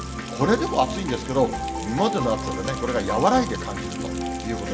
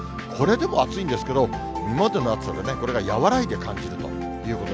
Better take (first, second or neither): second